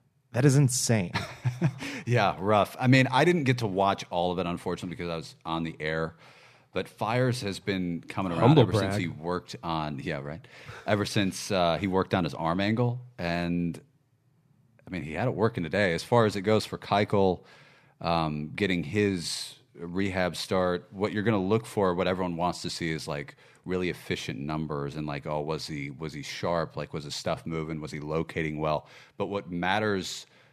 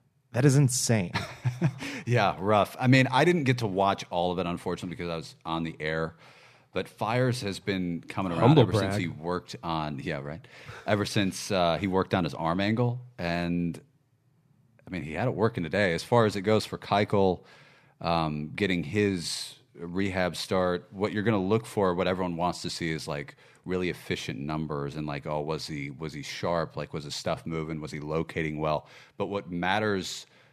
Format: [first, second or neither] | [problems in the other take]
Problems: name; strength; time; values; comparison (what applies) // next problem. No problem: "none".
neither | none